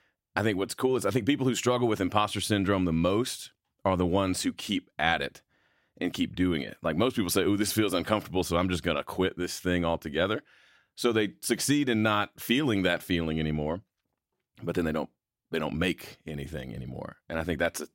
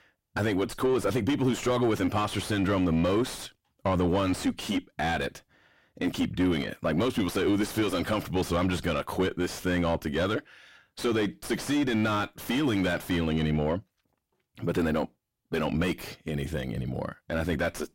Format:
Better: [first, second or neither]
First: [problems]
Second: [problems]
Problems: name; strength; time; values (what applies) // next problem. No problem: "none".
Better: first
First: none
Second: distortion; heavy; 6 dB below the speech